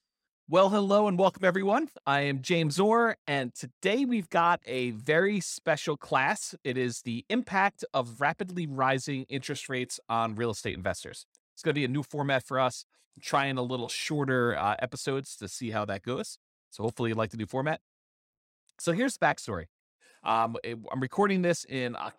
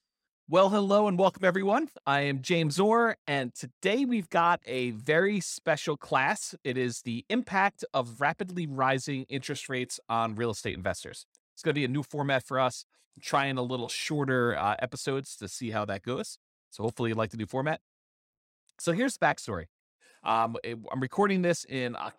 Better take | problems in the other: neither | none

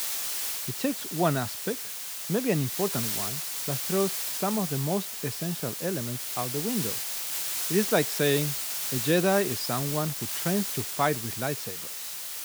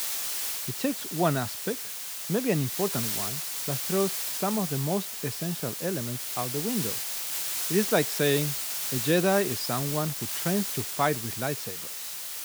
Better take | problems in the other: neither | hiss; loud; throughout; 1 dB below the speech; the same in both

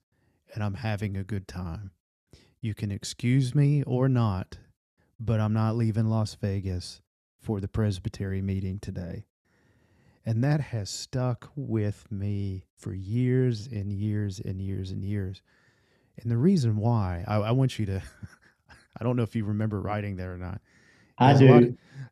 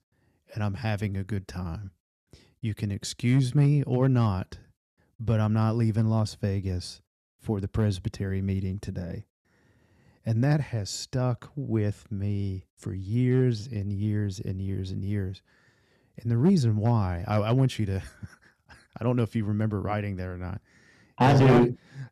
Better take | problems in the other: first | distortion; slight; 1% of the sound clipped

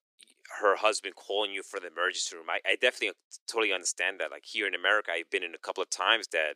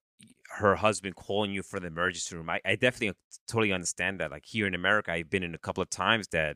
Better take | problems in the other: second | thin; very; fading below 350 Hz

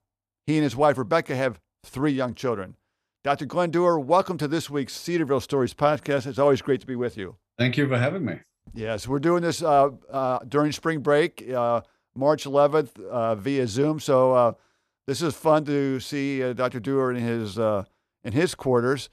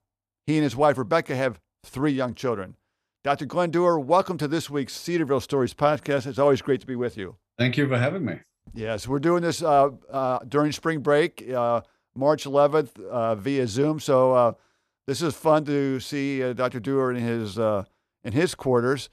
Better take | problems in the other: neither | none

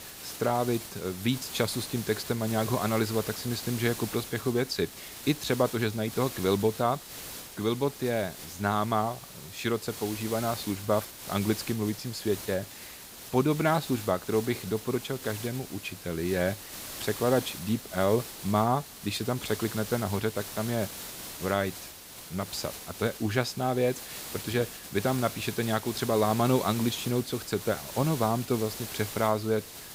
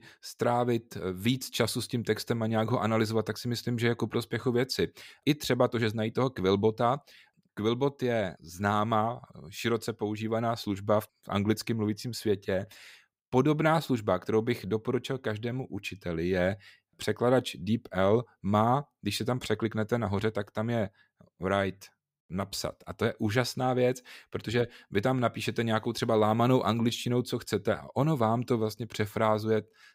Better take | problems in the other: second | hiss; loud; throughout; 10 dB below the speech

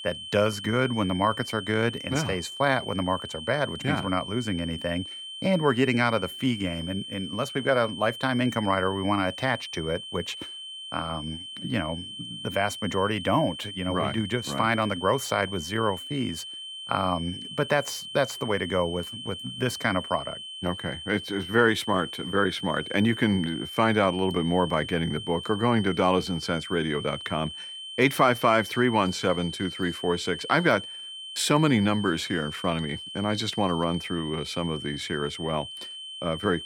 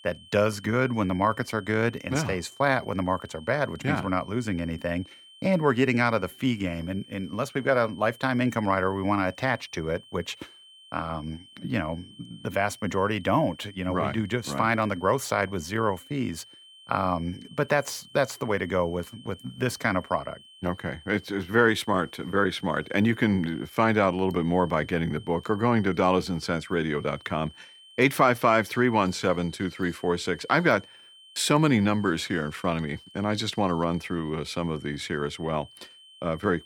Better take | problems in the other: second | high-pitched whine; loud; throughout; 3 kHz, 9 dB below the speech; faint in the second

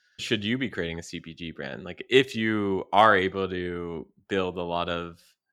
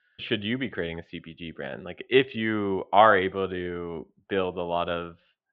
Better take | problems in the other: first | muffled; very slightly; fading above 3 kHz

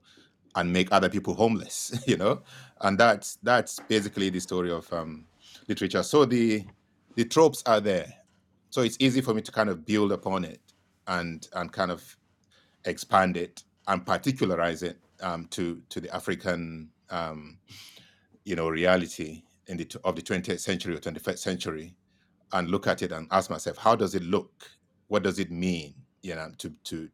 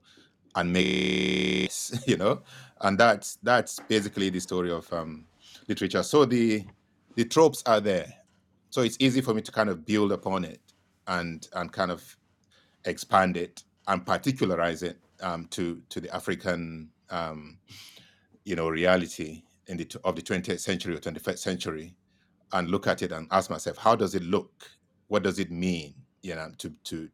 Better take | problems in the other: first | audio freezing; at 1 s for 1 s

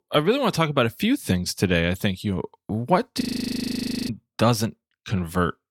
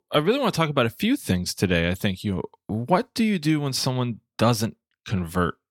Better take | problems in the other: second | audio freezing; at 3 s for 1 s

